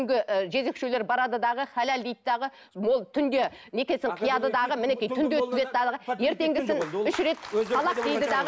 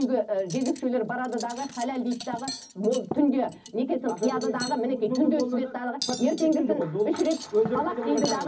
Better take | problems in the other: first | background sound (Cutlery, silverware); 14 dB below the speech // room echo; dies away in 0.4 s

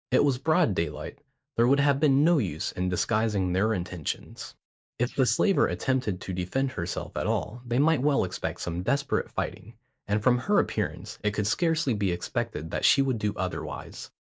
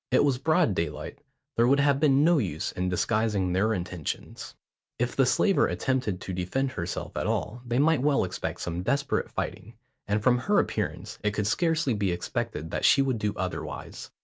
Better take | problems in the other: second | noise reduction (neural mask model Resemble Enhance denoiser)

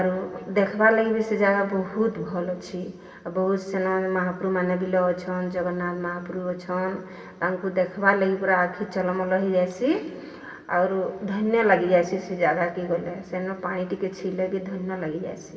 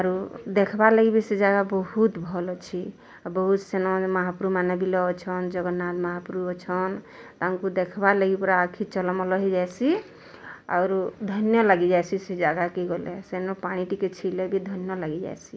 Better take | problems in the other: second | room echo; dies away in 1.7 s

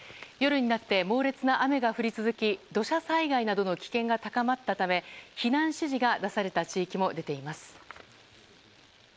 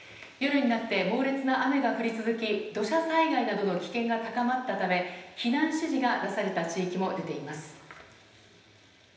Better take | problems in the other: first | room echo; dies away in 0.9 s

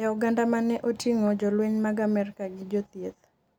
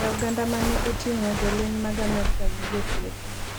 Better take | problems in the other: first | background sound (Walk, footsteps); 2 dB above the speech

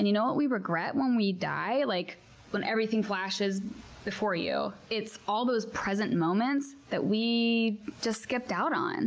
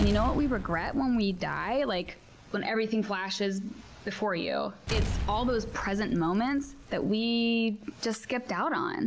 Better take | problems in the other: first | background sound (Explosion); 8 dB below the speech

